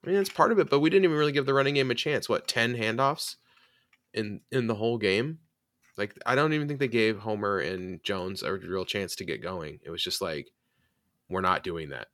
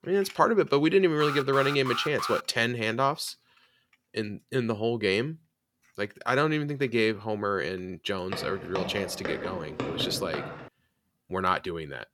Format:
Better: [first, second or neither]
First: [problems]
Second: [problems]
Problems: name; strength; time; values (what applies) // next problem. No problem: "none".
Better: first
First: none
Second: alarm; noticeable; from 1 to 2.5 s; peak 5 dB below the speech // footsteps; noticeable; from 8.5 to 11 s; peak 6 dB below the speech